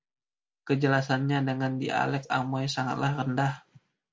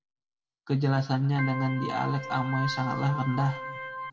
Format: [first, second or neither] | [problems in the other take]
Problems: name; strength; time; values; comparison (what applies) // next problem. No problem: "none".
first | background sound (Organ); 7 dB below the speech // room echo; dies away in 1.5 s